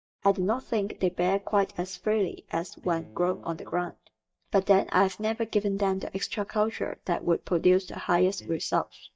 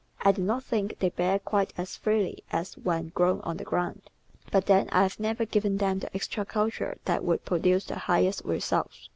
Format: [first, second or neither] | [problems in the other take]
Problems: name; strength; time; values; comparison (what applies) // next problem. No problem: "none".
second | noise reduction (neural mask model DeepFilterNet 3)